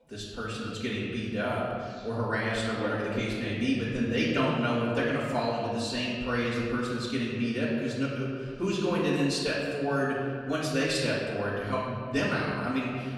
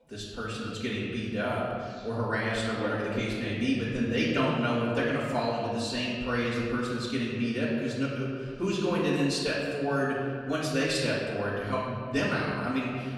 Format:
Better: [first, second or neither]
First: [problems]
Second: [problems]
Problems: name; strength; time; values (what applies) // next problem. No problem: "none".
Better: neither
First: room echo; noticeable; dies away in 1.8 s // off-mic speech; far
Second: room echo; noticeable; dies away in 1.8 s // off-mic speech; far